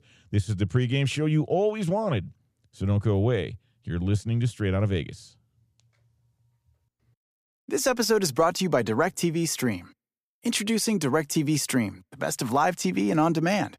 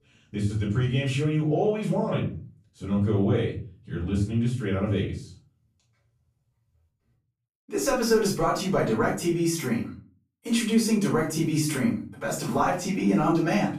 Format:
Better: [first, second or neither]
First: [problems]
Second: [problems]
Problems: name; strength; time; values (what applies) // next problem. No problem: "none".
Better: first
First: none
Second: off-mic speech; far // room echo; slight; dies away in 0.4 s